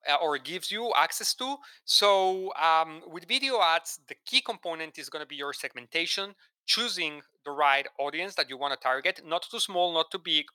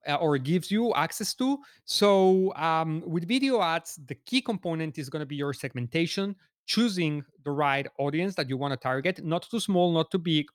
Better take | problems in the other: second | thin; very; fading below 800 Hz

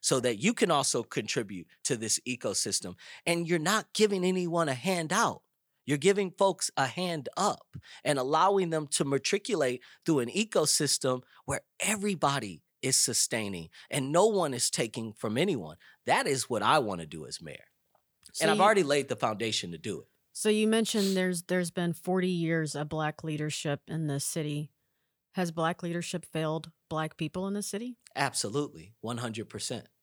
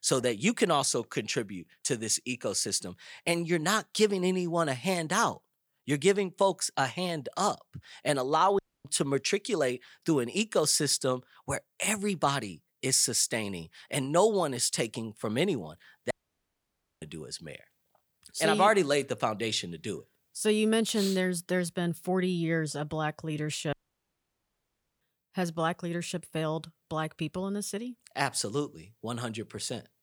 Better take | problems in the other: first | audio cutting out; at 8.5 s, at 16 s for 1 s and at 24 s for 1.5 s

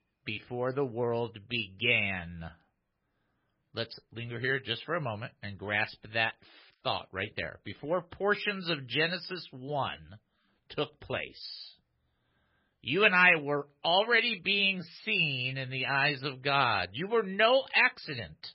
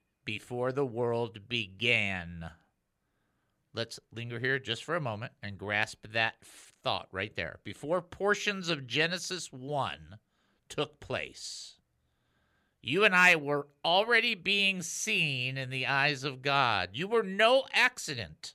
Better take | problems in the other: second | garbled, watery; badly; nothing above 4.5 kHz

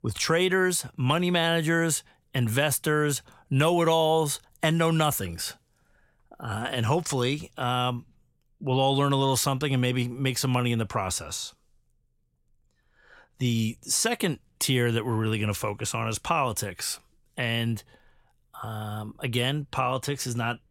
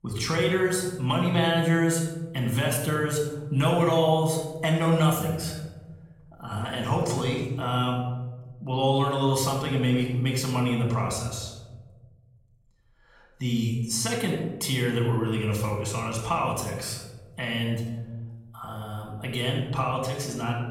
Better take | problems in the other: first | off-mic speech; somewhat distant // room echo; noticeable; dies away in 1.1 s

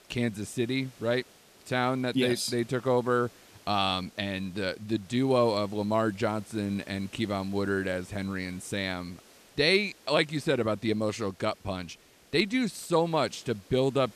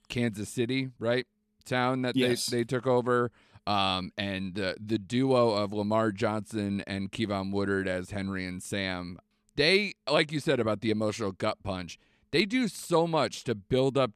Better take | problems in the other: second | hiss; faint; throughout; 25 dB below the speech

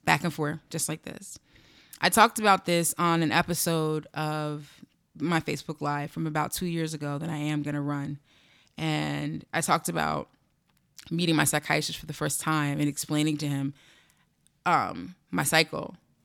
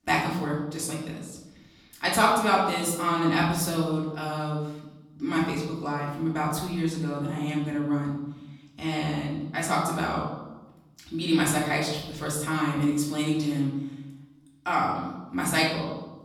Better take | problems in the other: first | off-mic speech; far // room echo; noticeable; dies away in 0.9 s

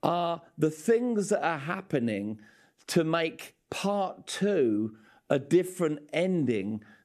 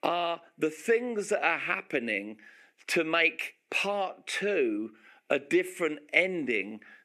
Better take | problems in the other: first | thin; somewhat; fading below 350 Hz

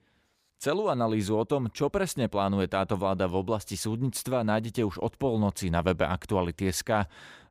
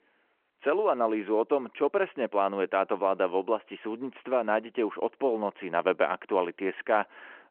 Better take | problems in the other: first | phone-call audio

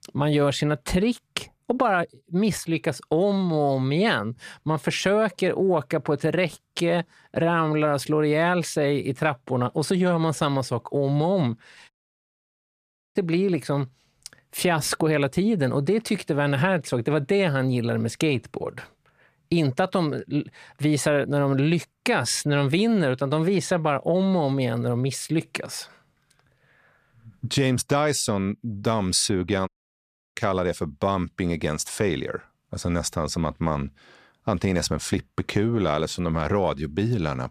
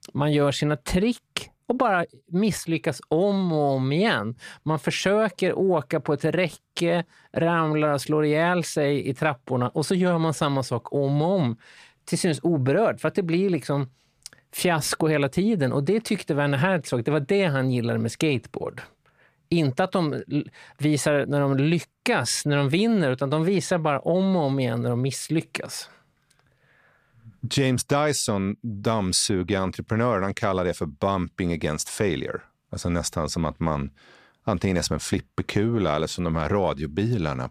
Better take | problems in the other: second | audio cutting out; at 12 s for 1.5 s and at 30 s for 0.5 s

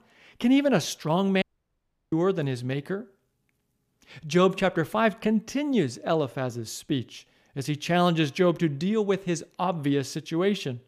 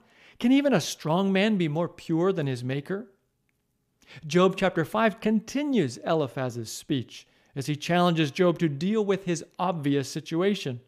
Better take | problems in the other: second | audio cutting out; at 1.5 s for 0.5 s

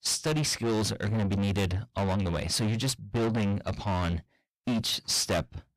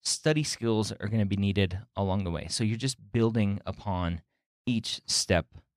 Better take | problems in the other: second | distortion; heavy; 5 dB below the speech

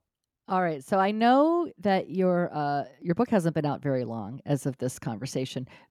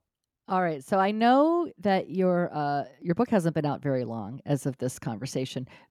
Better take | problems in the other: neither | none

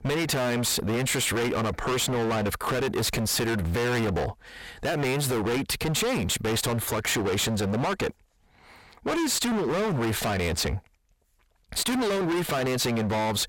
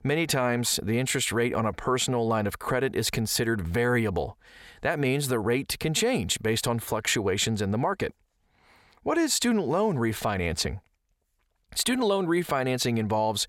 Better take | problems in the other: second | distortion; heavy; 38% of the sound clipped

